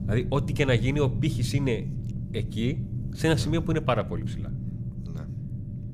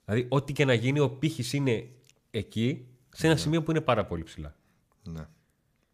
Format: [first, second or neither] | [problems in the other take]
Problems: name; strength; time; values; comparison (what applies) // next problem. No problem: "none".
second | low rumble; noticeable; throughout; 15 dB below the speech